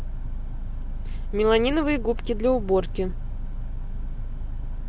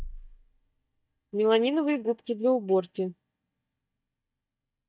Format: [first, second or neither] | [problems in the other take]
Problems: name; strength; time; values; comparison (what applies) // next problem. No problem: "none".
first | noise reduction (neural mask model DeepFilterNet 3)